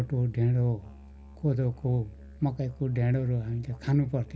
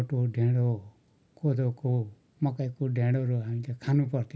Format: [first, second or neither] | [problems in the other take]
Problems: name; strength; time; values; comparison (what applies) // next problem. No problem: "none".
second | background sound (Musical instrument); 19 dB below the speech